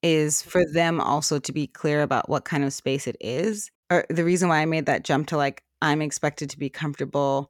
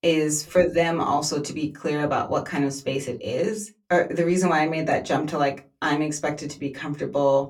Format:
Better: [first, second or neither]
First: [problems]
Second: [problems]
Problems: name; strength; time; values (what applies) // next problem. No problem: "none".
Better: first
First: none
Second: off-mic speech; far // room echo; very slight; dies away in 0.2 s